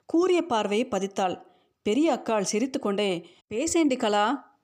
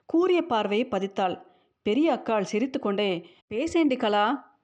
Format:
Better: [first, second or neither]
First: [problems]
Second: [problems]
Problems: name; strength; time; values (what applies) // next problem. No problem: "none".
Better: first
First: none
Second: muffled; slightly; fading above 3 kHz